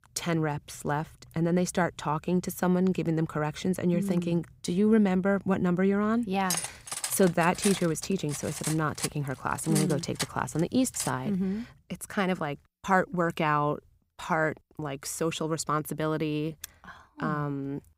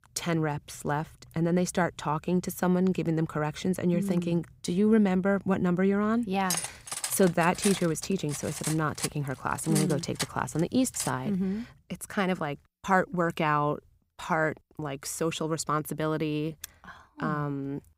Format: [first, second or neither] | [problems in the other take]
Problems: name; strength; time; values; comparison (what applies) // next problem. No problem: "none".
neither | clattering dishes; noticeable; from 6.5 to 11 s; peak 2 dB below the speech; the same in both